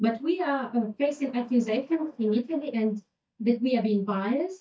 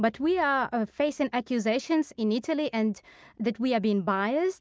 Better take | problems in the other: second | noise reduction (neural mask model DeepFilterNet 3)

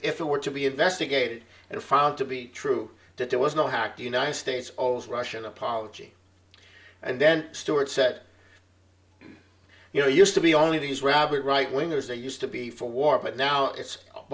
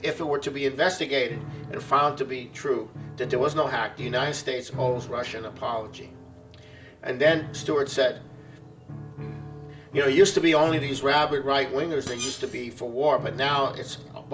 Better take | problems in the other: first | background sound (Piano + Screech); 13 dB below the speech

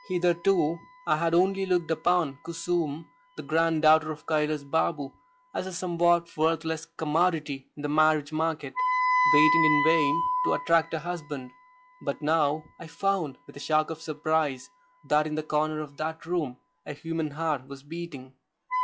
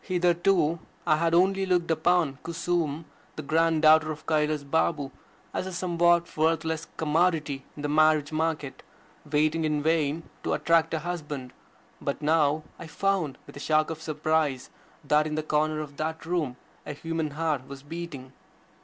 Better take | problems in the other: second | noise reduction (classical method log-MMSE)

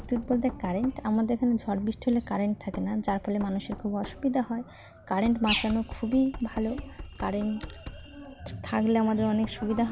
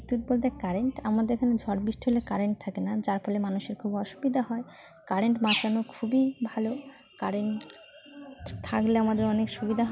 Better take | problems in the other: second | background sound (Knock); 15 dB below the speech

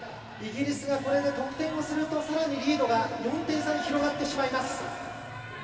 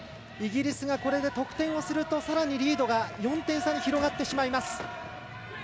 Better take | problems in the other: second | room echo; dies away in 2.5 s

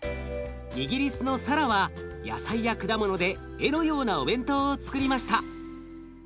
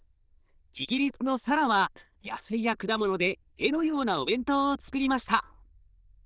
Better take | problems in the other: first | noise reduction (neural diffusion model UNIVERSE++)

